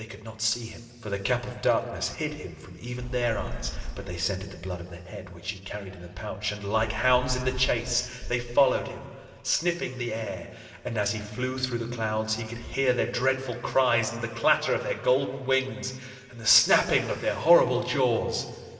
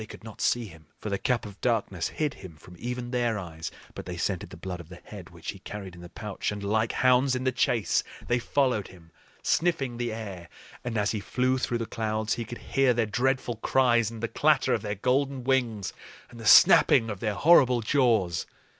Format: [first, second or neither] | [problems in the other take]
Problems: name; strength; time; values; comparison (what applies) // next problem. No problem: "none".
second | background sound (Telephone); 7 dB below the speech // room echo; dies away in 2.2 s